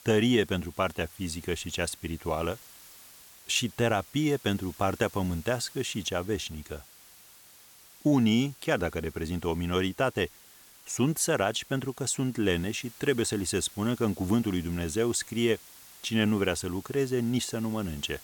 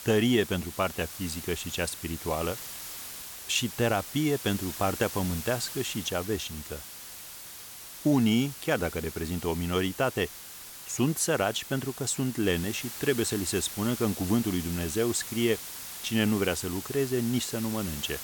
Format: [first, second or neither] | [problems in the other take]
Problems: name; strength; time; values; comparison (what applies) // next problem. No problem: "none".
first | hiss; loud; throughout; 9 dB below the speech; faint in the first